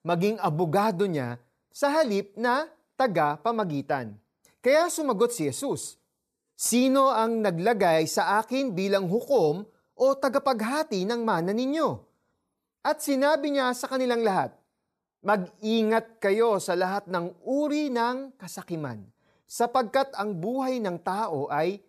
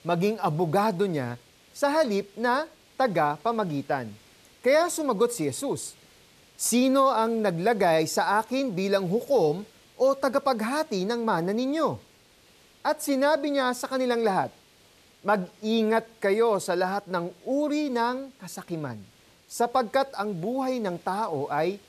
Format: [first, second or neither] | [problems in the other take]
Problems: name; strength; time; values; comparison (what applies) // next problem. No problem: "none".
first | hiss; faint; throughout; 30 dB below the speech